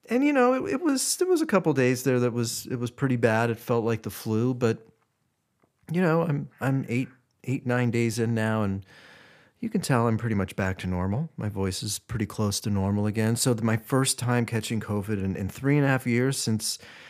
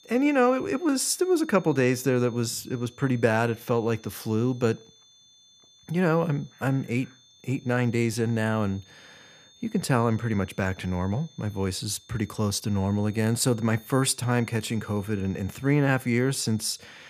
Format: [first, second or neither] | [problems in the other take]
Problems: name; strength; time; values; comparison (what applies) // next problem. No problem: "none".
first | high-pitched whine; faint; throughout; 3.5 kHz, 25 dB below the speech